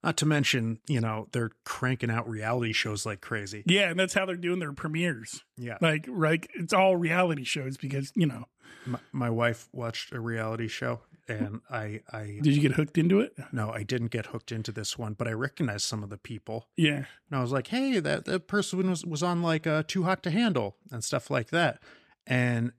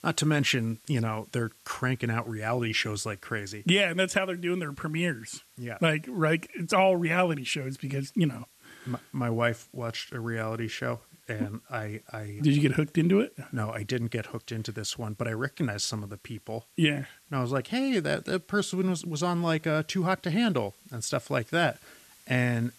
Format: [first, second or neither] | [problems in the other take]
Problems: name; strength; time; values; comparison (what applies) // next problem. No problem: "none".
first | hiss; faint; throughout; 30 dB below the speech